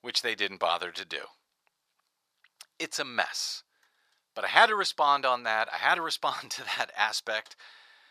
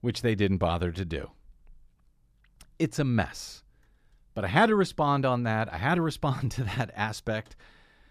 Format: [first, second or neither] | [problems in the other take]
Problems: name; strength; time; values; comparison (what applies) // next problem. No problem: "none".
second | thin; very; fading below 900 Hz